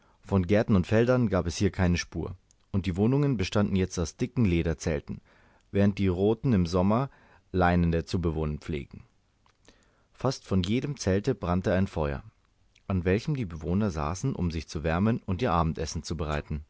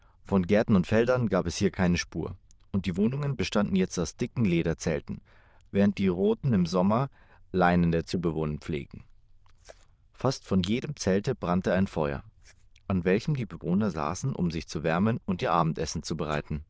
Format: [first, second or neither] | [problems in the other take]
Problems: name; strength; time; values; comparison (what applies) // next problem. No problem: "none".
first | noise reduction (neural diffusion model UNIVERSE++)